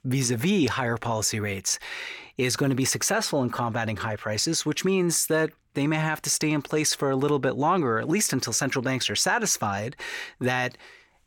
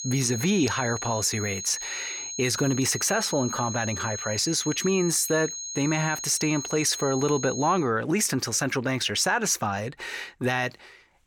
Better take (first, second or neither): first